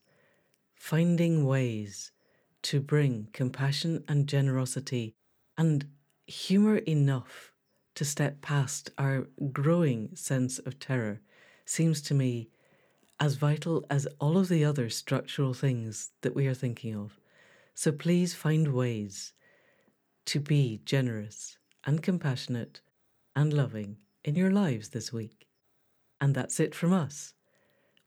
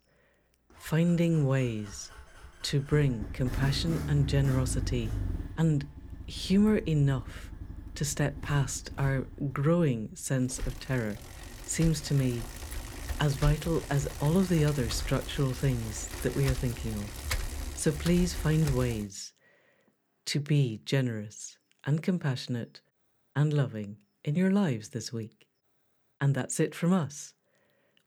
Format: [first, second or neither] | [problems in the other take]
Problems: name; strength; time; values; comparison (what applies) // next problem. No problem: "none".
first | traffic noise; loud; until 19 s; 9 dB below the speech